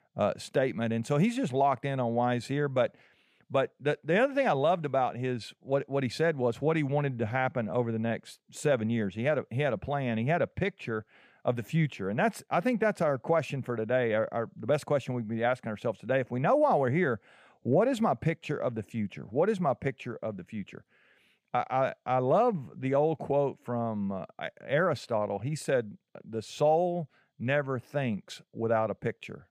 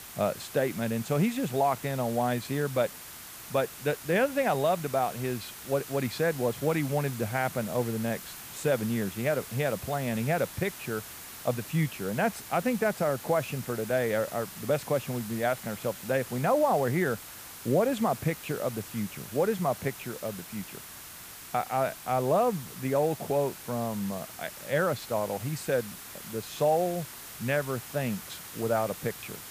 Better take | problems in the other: first | hiss; noticeable; throughout; 10 dB below the speech

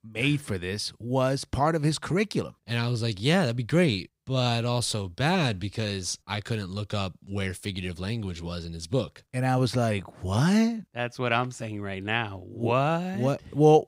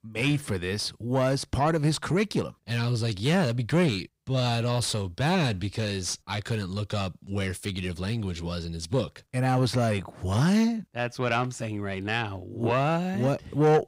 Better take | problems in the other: first | distortion; slight; 10 dB below the speech

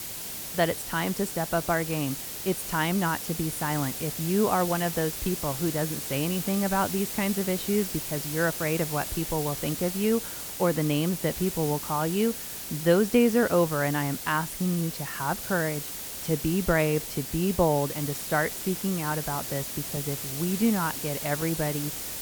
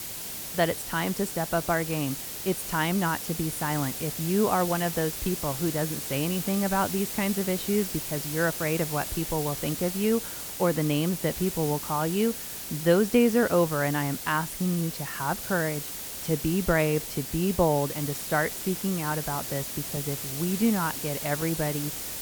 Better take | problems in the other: neither | hiss; loud; throughout; 5 dB below the speech; the same in both

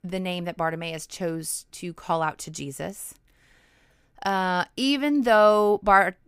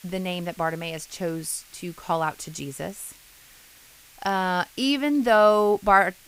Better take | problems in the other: first | hiss; faint; throughout; 25 dB below the speech

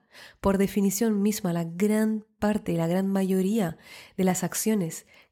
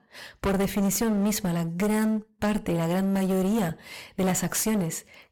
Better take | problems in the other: first | distortion; heavy; 19% of the sound clipped

